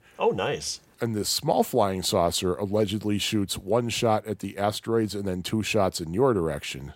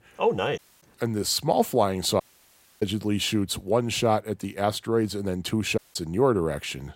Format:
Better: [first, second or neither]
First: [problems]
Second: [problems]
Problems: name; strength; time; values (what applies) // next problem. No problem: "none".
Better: first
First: none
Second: audio cutting out; at 0.5 s, at 2 s for 0.5 s and at 6 s